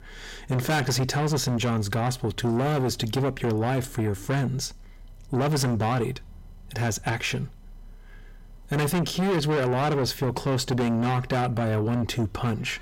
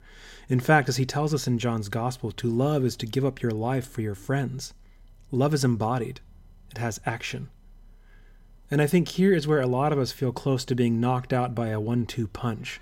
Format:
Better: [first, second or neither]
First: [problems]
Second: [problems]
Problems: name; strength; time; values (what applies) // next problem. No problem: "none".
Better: second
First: distortion; heavy; 6 dB below the speech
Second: none